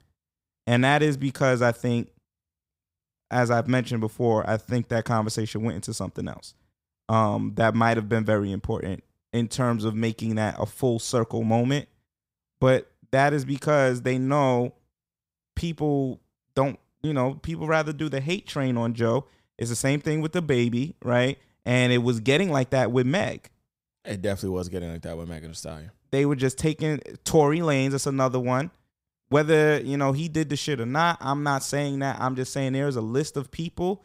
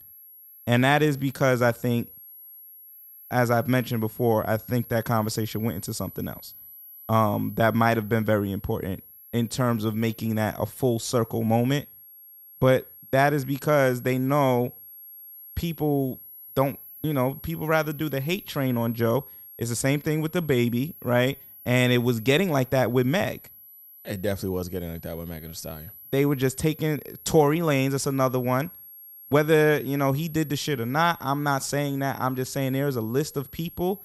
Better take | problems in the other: first | high-pitched whine; noticeable; throughout; 11.5 kHz, 20 dB below the speech

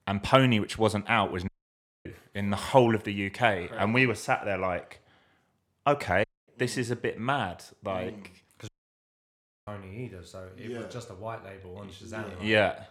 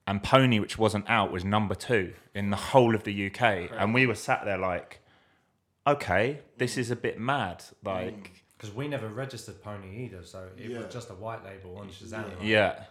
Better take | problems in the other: second | audio cutting out; at 1.5 s for 0.5 s, at 6 s and at 8.5 s for 1 s

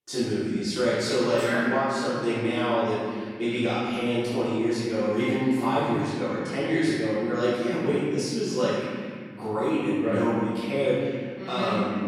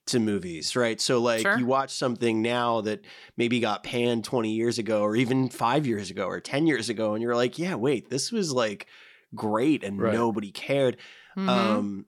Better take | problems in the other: second | off-mic speech; far // room echo; strong; dies away in 2.1 s

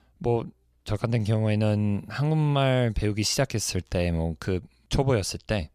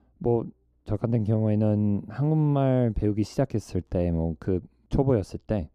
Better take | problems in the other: first | muffled; very; fading above 1.5 kHz

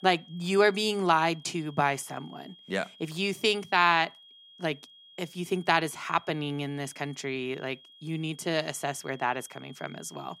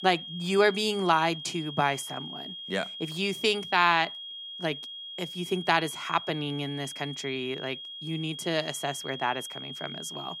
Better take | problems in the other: first | high-pitched whine; loud; throughout; 3.5 kHz, 9 dB below the speech; faint in the first

